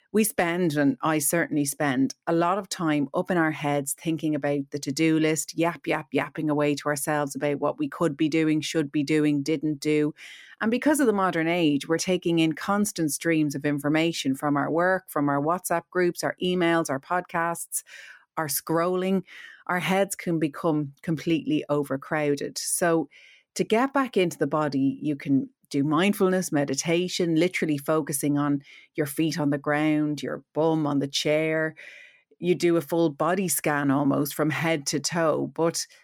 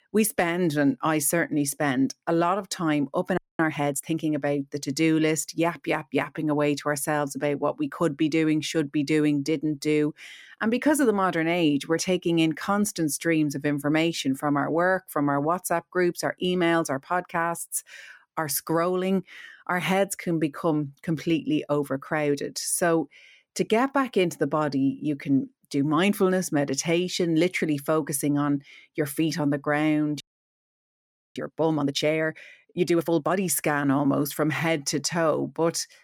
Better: first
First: none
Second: audio freezing; at 3.5 s and at 30 s for 1 s

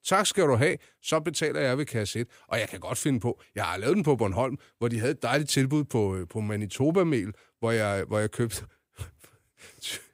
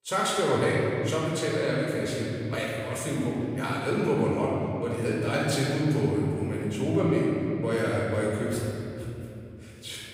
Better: first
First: none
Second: off-mic speech; far // room echo; strong; dies away in 2.7 s

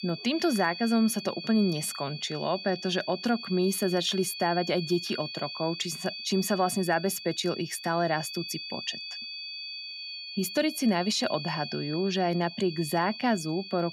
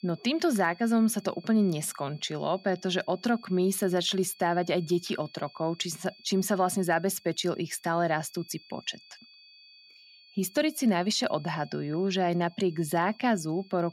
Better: second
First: high-pitched whine; loud; throughout; 4.5 kHz, 9 dB below the speech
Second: high-pitched whine; faint; throughout; 4.5 kHz, 25 dB below the speech

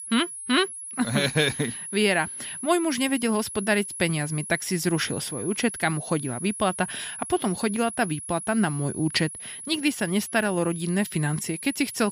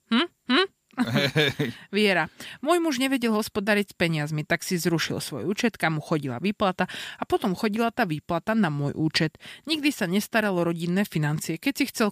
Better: second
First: high-pitched whine; loud; throughout; 10.5 kHz, 8 dB below the speech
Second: none

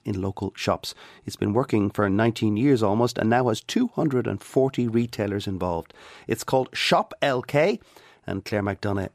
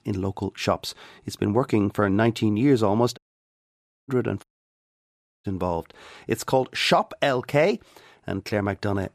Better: first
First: none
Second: audio cutting out; at 3 s for 1 s and at 4.5 s for 1 s

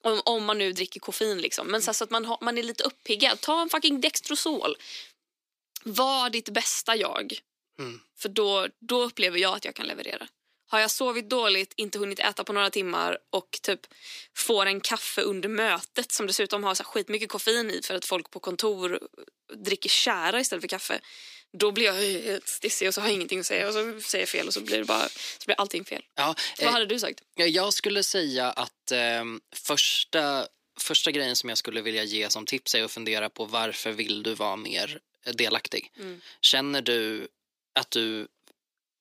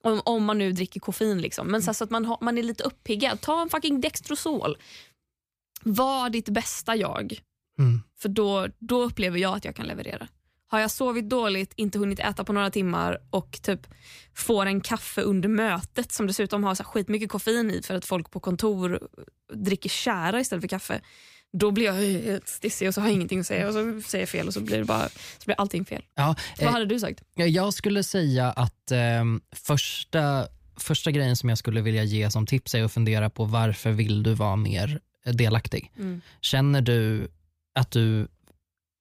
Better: second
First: thin; somewhat; fading below 300 Hz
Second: none

